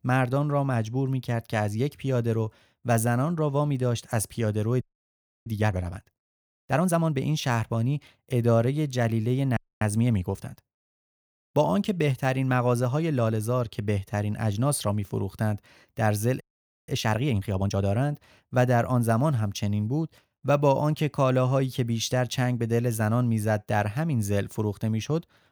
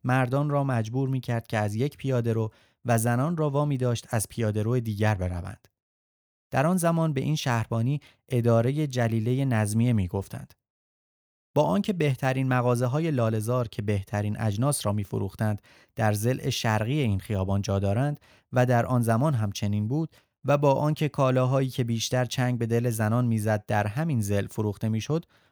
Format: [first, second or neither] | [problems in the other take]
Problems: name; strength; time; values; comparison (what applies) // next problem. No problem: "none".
second | audio freezing; at 5 s for 0.5 s, at 9.5 s and at 16 s